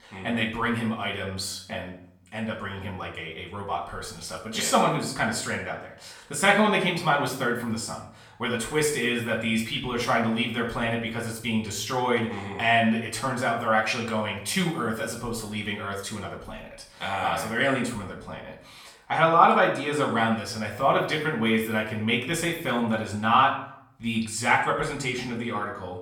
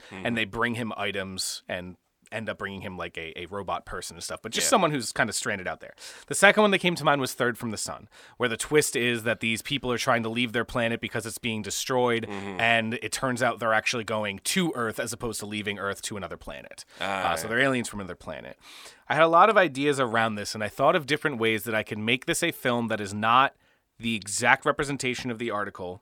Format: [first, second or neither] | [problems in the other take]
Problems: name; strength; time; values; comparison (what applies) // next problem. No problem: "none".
second | off-mic speech; far // room echo; slight; dies away in 0.5 s